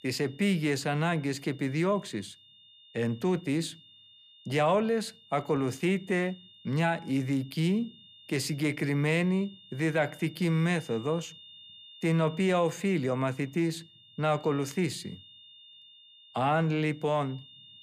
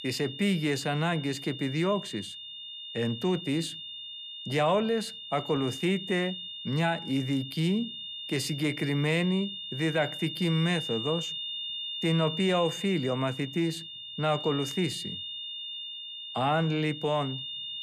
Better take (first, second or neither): first